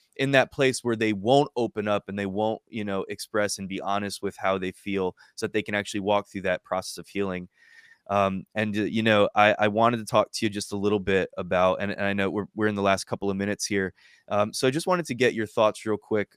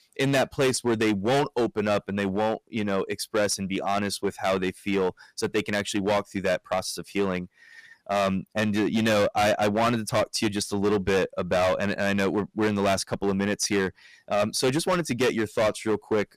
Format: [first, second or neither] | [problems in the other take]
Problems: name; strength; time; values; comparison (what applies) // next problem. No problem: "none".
first | distortion; heavy; 11% of the sound clipped